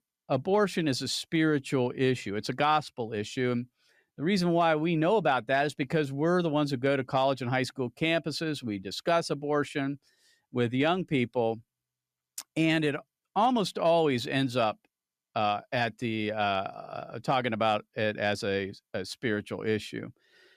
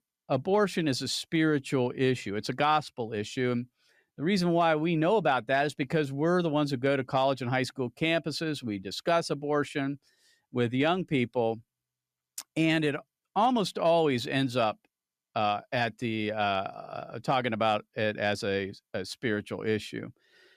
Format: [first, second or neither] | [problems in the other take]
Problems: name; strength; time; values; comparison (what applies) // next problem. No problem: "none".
neither | none